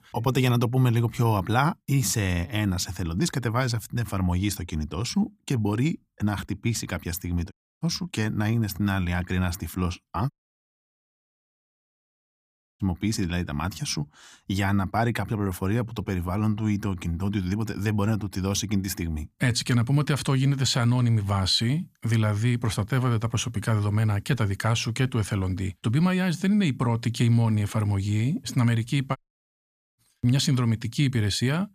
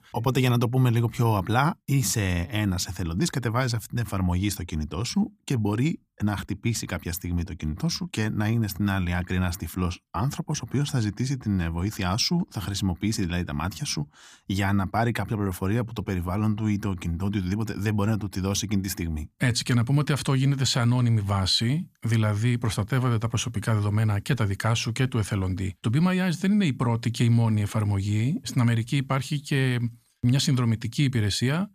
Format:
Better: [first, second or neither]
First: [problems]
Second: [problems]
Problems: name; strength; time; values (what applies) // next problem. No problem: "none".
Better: second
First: audio cutting out; at 7.5 s, at 10 s for 2.5 s and at 29 s for 1 s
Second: none